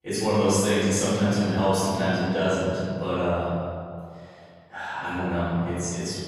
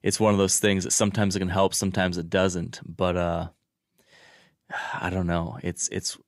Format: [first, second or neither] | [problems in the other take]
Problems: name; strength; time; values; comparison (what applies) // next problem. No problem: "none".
second | off-mic speech; far // room echo; strong; dies away in 1.9 s